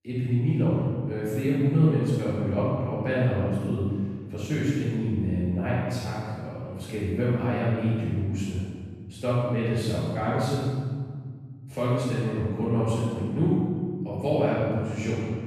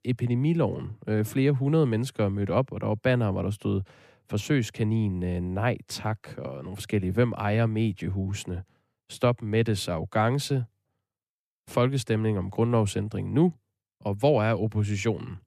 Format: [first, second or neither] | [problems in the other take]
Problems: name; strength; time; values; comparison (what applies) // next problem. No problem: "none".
second | off-mic speech; far // room echo; strong; dies away in 1.7 s